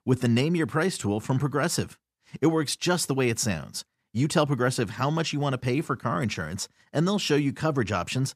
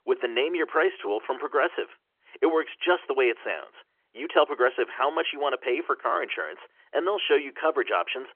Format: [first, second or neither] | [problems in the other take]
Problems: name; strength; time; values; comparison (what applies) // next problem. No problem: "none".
first | phone-call audio; nothing above 3 kHz